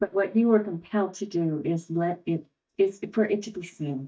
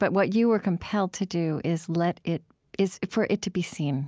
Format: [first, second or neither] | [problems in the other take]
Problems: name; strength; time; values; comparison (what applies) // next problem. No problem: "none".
second | noise reduction (neural mask model DeepFilterNet 3)